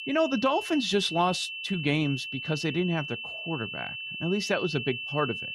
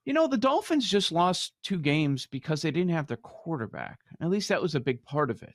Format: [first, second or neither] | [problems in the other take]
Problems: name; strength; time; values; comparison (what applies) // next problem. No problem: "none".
second | high-pitched whine; loud; throughout; 2.5 kHz, 6 dB below the speech